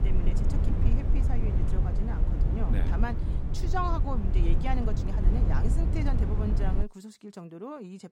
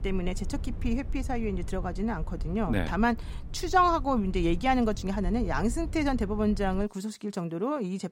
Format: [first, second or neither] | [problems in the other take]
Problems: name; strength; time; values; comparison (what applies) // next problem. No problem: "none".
second | low rumble; loud; until 7 s; 4 dB below the speech; faint in the second